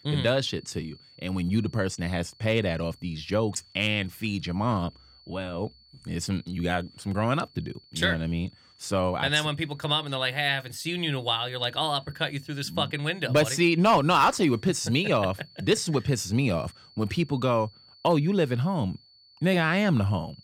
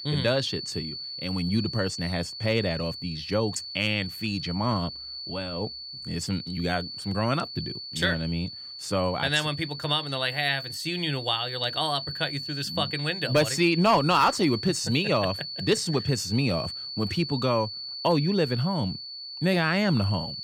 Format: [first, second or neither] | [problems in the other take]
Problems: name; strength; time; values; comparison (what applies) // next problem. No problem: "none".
first | high-pitched whine; loud; throughout; 4.5 kHz, 7 dB below the speech; faint in the first